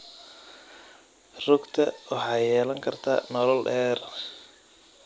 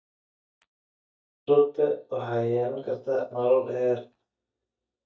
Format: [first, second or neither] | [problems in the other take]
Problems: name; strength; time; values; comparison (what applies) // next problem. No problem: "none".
first | noise reduction (neural mask model DeepFilterNet 3)